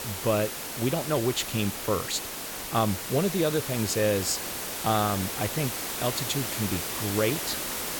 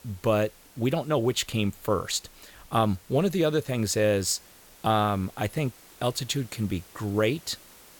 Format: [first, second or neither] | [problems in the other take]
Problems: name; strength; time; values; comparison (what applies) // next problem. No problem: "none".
second | hiss; loud; throughout; 3 dB below the speech; faint in the second